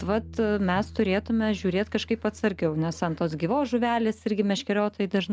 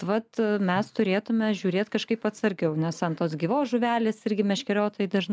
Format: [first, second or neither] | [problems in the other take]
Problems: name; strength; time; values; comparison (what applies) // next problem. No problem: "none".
second | background sound (Bass guitar); 19 dB below the speech